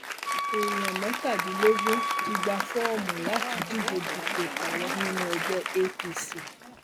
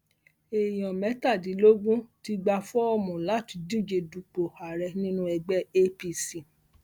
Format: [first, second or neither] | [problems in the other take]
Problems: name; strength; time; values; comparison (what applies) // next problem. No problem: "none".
second | background sound (Wind instrument, woodwind instrument + Applause); as loud as the speech